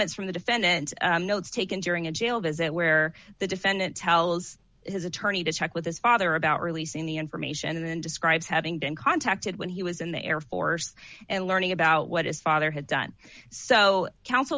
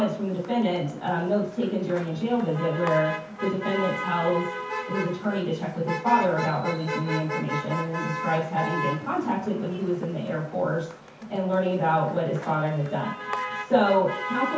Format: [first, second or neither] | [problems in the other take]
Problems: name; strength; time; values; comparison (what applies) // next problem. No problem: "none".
first | background sound (Motor vehicle (road)); 8 dB below the speech // room echo; dies away in 0.6 s